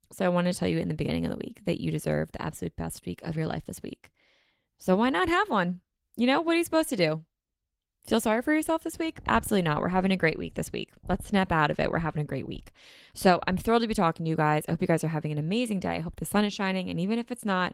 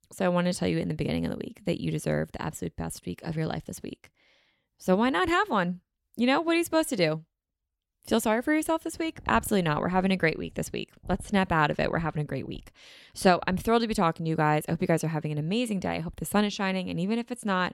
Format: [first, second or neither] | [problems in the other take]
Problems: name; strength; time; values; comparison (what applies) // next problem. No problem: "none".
second | garbled, watery; slightly; nothing above 16.5 kHz